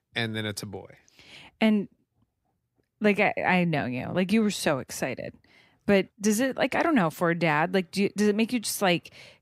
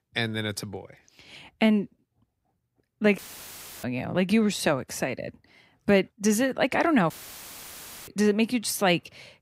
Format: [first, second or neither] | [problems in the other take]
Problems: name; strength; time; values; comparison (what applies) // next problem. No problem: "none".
first | audio cutting out; filled with static; at 3 s for 0.5 s and at 7 s for 1 s